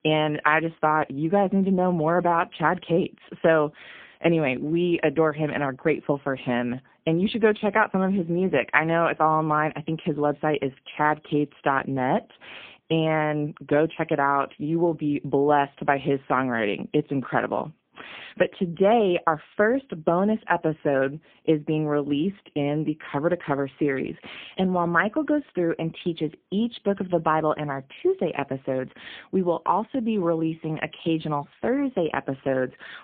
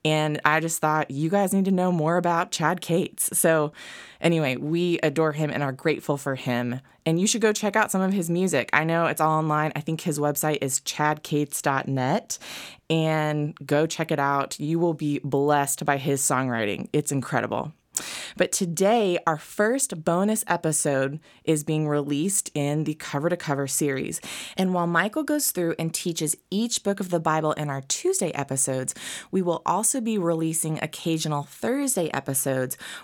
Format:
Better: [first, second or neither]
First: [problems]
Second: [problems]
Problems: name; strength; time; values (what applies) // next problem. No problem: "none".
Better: second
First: phone-call audio; poor line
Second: none